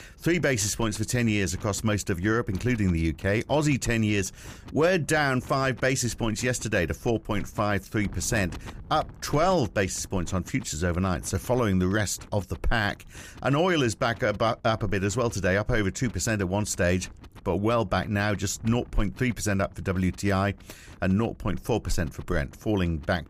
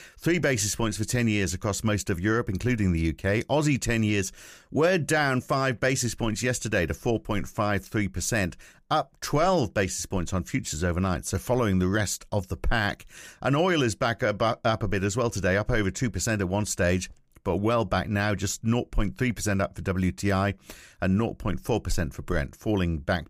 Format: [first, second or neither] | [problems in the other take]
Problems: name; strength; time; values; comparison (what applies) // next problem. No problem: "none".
second | wind noise on the microphone; occasional gusts; 25 dB below the speech